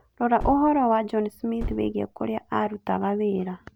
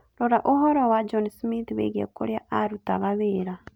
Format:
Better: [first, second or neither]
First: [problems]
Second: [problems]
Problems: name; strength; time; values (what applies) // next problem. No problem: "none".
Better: second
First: background sound (Gunshot, gunfire); 11 dB below the speech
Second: none